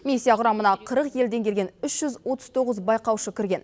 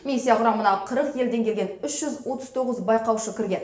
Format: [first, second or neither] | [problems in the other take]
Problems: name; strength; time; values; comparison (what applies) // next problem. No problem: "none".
first | room echo; dies away in 0.6 s